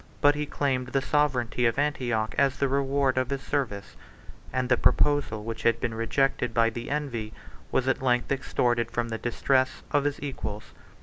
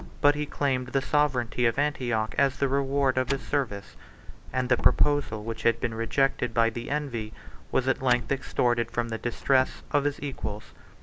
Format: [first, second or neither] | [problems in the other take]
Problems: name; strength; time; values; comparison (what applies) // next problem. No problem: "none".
first | background sound (Slam); 20 dB below the speech